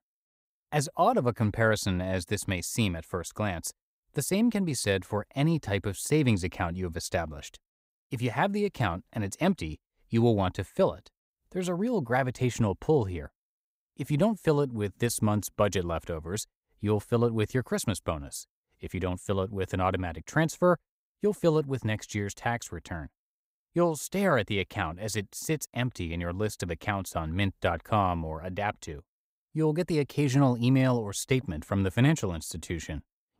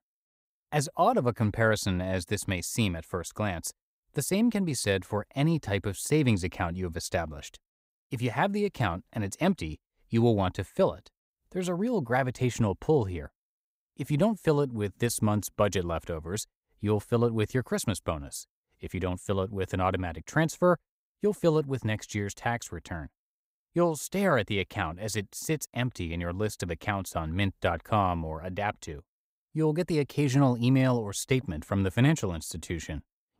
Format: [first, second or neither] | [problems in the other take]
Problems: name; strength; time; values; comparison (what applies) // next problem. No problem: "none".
neither | none